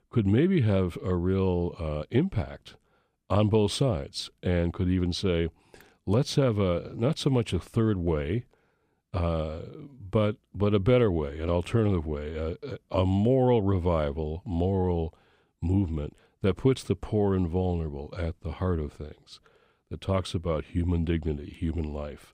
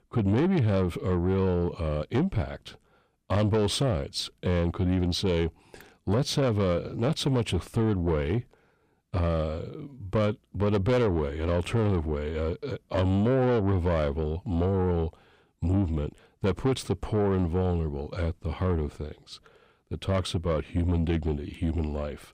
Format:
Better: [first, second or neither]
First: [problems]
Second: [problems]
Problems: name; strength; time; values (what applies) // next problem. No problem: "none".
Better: first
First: none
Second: distortion; slight; 10 dB below the speech